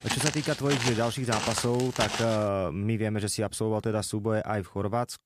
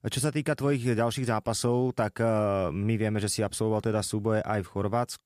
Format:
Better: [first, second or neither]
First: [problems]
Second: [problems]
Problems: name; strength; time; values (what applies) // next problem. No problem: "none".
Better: second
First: footsteps; noticeable; until 2.5 s; peak 1 dB below the speech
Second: none